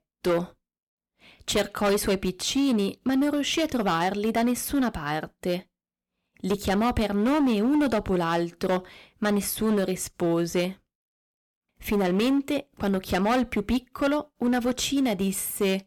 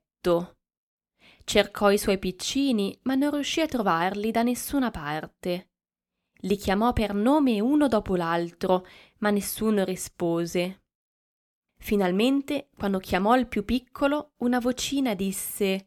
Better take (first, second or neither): second